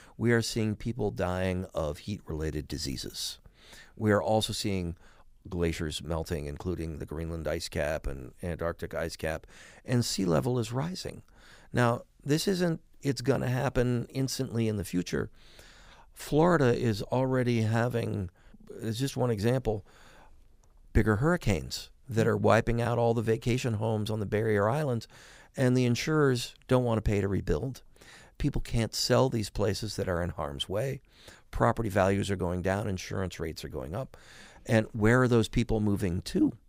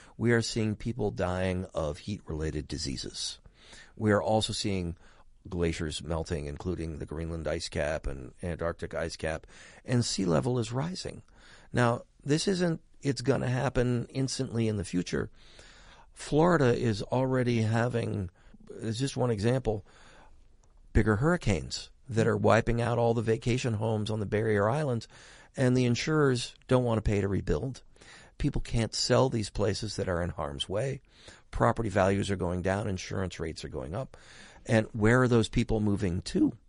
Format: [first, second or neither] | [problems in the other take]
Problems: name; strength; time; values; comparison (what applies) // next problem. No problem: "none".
first | garbled, watery; slightly; nothing above 10.5 kHz